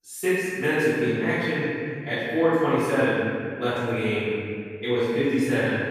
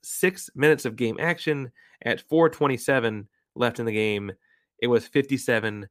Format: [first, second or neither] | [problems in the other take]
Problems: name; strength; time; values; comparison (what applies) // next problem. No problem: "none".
second | off-mic speech; far // room echo; strong; dies away in 2 s